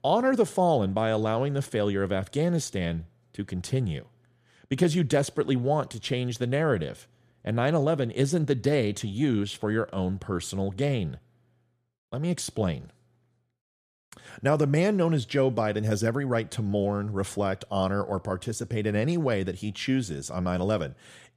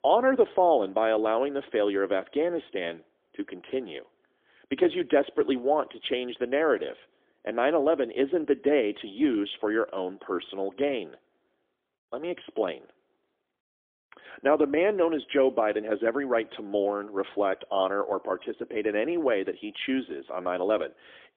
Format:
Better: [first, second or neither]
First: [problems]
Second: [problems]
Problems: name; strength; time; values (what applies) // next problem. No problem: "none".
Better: first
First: none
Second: phone-call audio; poor line; nothing above 3.5 kHz